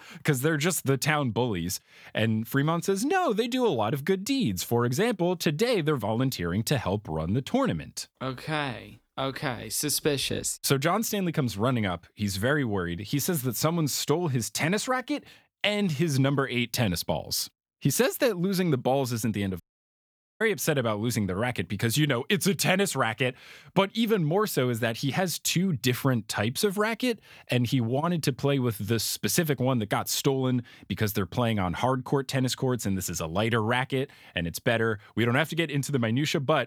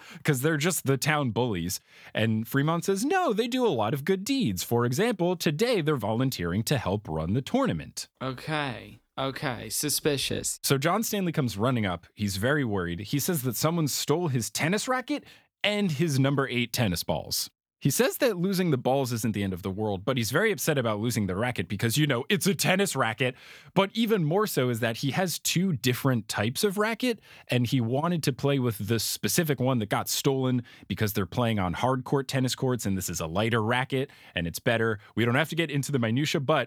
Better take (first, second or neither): second